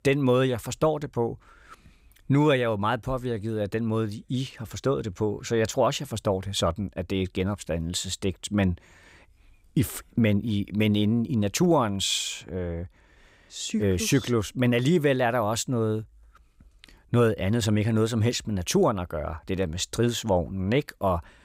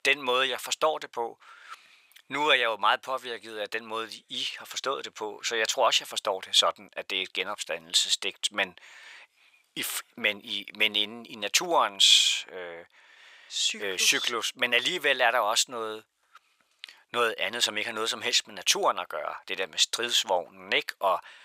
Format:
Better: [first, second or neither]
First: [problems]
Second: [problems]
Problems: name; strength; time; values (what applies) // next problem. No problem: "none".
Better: first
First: none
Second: thin; very; fading below 800 Hz